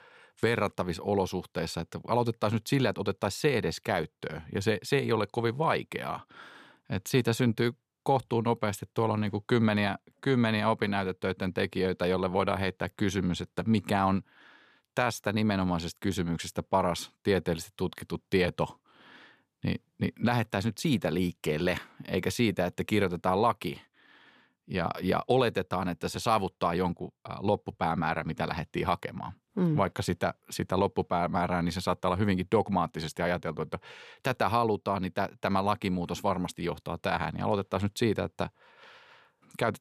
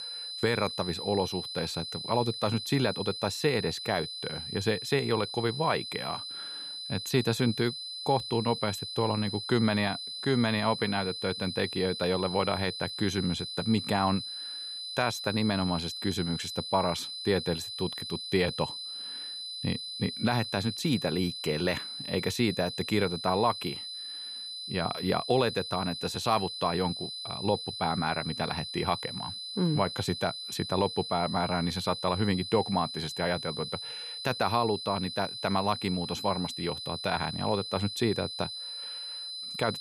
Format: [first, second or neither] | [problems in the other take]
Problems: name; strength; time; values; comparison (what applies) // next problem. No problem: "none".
first | high-pitched whine; loud; throughout; 4 kHz, 6 dB below the speech